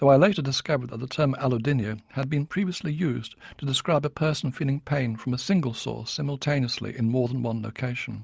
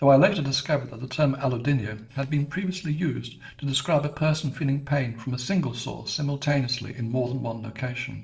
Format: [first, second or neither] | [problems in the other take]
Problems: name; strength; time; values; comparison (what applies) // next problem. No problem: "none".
first | noise reduction (neural separator model SepFormer DNS4)